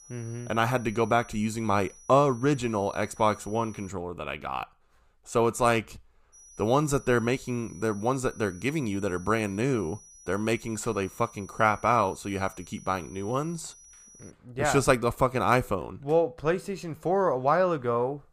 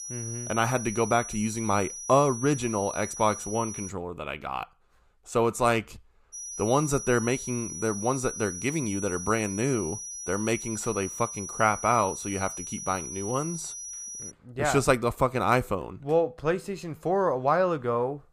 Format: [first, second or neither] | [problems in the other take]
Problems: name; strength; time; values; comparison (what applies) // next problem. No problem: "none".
first | high-pitched whine; loud; until 4 s and from 6.5 to 14 s; 6 kHz, 8 dB below the speech; faint in the first